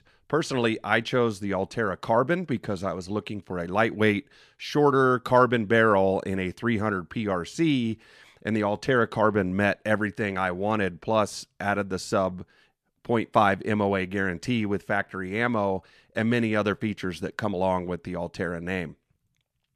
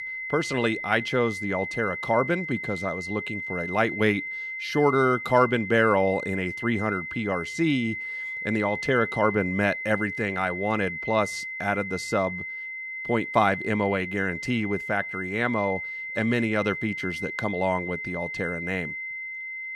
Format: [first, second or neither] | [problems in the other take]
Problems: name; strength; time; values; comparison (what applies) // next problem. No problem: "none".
first | high-pitched whine; loud; throughout; 2 kHz, 6 dB below the speech